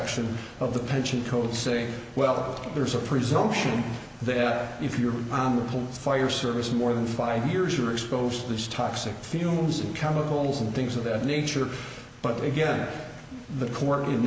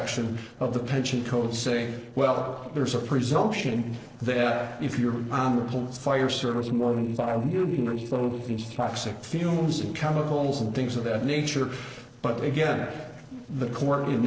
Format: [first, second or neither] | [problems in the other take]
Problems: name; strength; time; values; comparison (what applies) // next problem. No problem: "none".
first | noise reduction (neural separator model SepFormer DNS4)